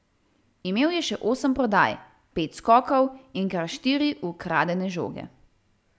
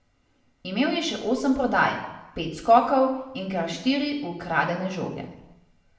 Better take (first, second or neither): first